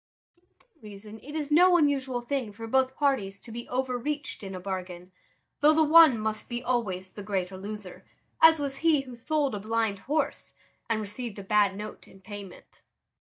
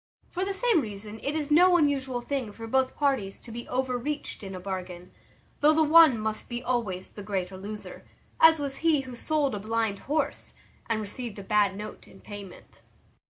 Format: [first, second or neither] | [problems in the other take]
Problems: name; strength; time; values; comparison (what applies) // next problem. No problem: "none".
second | noise reduction (neural mask model DeepFilterNet 3)